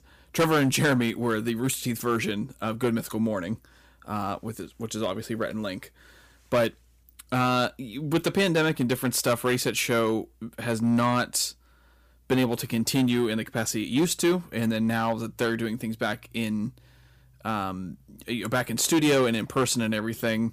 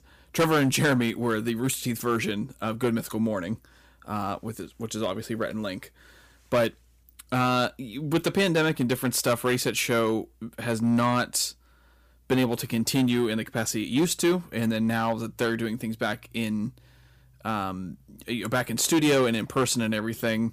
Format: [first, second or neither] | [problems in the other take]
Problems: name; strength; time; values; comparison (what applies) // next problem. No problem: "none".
neither | distortion; slight; 4% of the sound clipped; the same in both